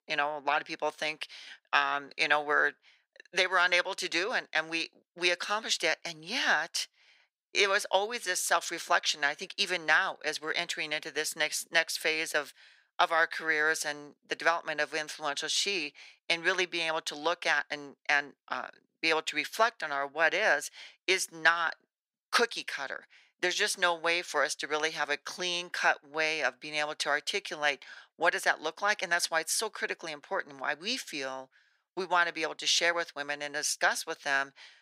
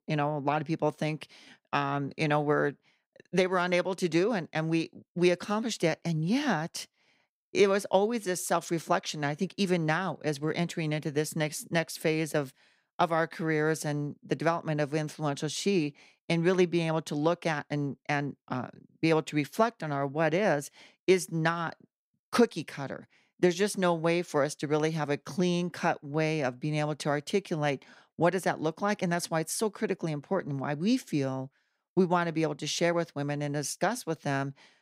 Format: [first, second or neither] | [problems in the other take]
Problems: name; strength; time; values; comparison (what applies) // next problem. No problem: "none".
second | thin; very; fading below 650 Hz